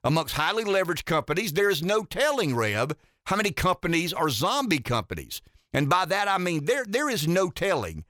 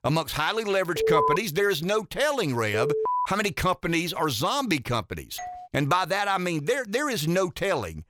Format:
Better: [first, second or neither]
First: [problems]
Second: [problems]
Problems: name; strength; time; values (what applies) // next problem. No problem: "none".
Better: first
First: none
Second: alarm; loud; at 1 s and at 2.5 s; peak 3 dB above the speech // doorbell; faint; at 5.5 s; peak 10 dB below the speech